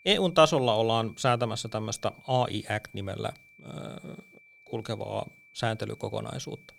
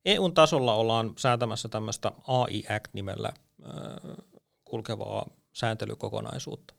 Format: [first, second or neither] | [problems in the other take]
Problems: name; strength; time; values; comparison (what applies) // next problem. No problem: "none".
second | high-pitched whine; faint; throughout; 2.5 kHz, 25 dB below the speech